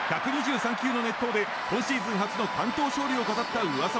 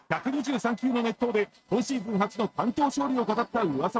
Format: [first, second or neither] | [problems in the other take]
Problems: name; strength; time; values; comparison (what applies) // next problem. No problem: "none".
first | noise reduction (neural mask model RNNoise)